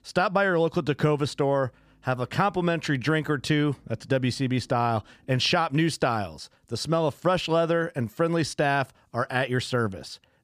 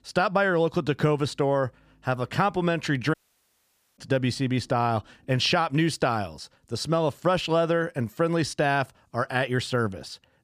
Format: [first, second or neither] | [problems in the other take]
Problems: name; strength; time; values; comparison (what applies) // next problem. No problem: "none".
first | audio cutting out; at 3 s for 1 s